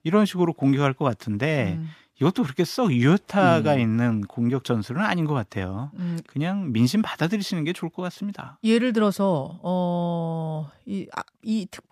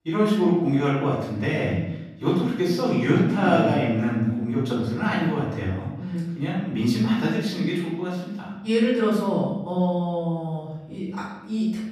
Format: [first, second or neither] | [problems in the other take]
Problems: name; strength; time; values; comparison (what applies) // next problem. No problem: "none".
first | off-mic speech; far // room echo; noticeable; dies away in 0.9 s